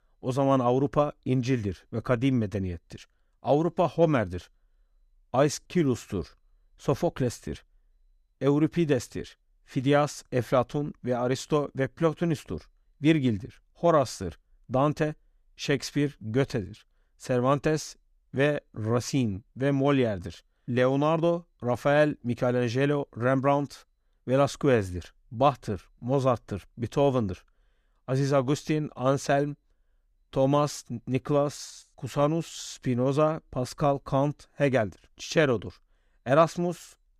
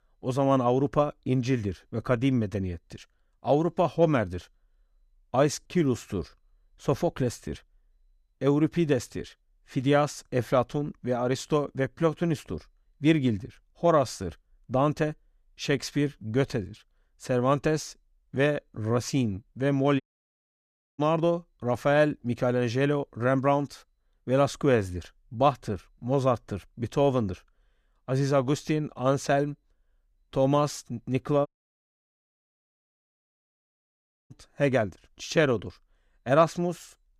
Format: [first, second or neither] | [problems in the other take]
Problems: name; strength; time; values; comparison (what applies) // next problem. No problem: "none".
first | audio cutting out; at 20 s for 1 s and at 31 s for 3 s